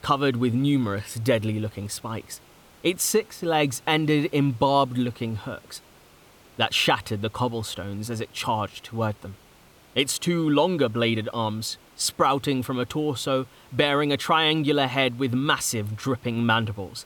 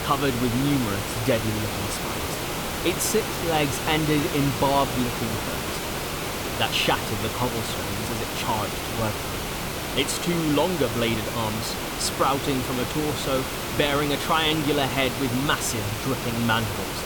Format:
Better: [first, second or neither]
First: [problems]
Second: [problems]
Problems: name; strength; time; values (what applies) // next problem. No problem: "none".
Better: first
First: hiss; faint; throughout; 30 dB below the speech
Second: hiss; loud; throughout; 3 dB below the speech